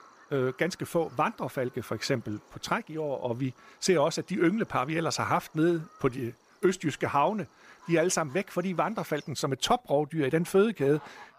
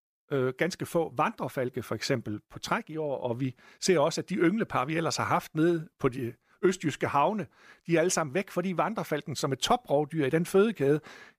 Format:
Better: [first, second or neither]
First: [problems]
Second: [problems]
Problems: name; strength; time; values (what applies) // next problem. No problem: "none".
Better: second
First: animal sounds; faint; throughout; 25 dB below the speech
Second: none